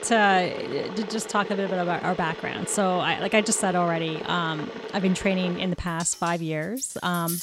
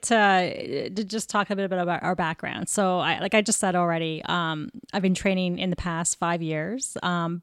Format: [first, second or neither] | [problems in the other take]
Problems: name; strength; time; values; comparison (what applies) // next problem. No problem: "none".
second | household noises; noticeable; throughout; 10 dB below the speech